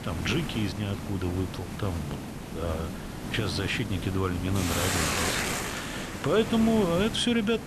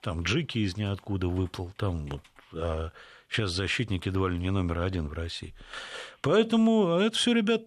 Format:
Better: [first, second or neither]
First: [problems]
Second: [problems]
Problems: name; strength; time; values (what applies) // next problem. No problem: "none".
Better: second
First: hiss; loud; throughout; 4 dB below the speech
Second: none